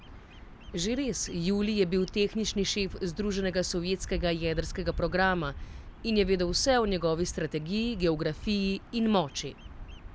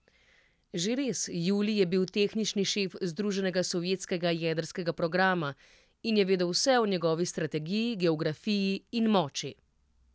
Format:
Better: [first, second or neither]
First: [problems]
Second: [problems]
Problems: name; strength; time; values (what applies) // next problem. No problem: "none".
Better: second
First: background sound (Bird vocalization, bird call, bird song); 11 dB below the speech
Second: none